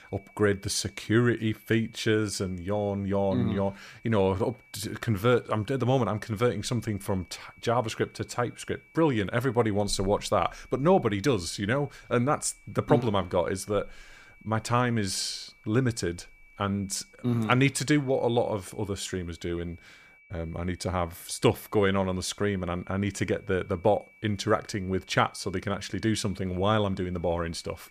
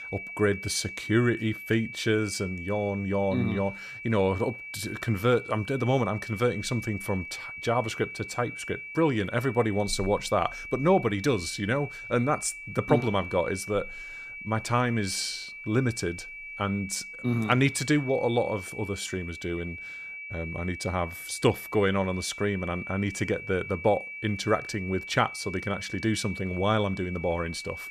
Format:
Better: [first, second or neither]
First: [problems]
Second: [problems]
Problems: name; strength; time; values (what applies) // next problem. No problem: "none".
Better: first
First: high-pitched whine; faint; throughout; 2.5 kHz, 25 dB below the speech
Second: high-pitched whine; loud; throughout; 2.5 kHz, 10 dB below the speech